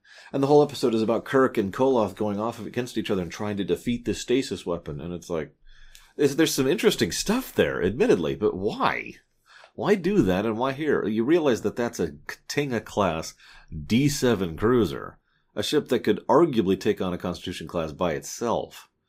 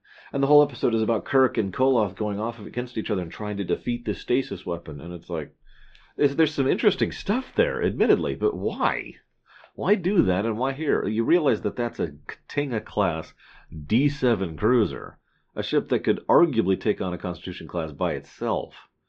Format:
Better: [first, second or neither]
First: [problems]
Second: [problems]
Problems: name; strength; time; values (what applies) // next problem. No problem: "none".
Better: first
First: none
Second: muffled; slightly; fading above 3.5 kHz